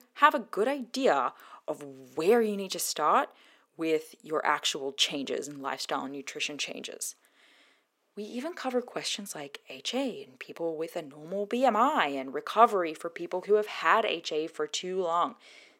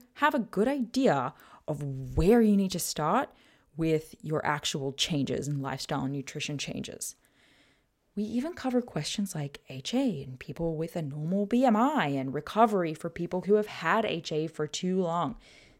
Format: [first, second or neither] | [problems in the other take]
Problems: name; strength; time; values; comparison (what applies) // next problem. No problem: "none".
second | thin; somewhat; fading below 350 Hz